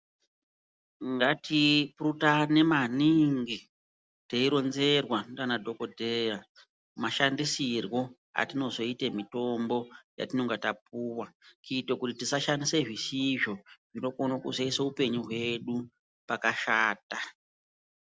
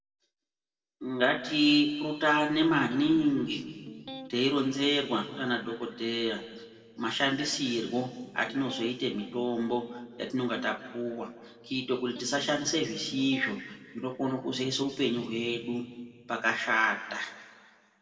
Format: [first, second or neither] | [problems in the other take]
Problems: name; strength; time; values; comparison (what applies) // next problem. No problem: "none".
first | background sound (Electric guitar); 17 dB below the speech // room echo; dies away in 1.7 s